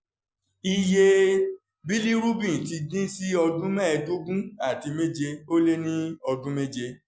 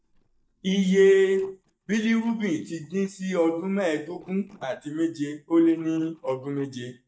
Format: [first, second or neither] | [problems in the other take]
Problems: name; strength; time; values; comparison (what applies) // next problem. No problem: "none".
first | noise reduction (neural mask model DeepFilterNet 3)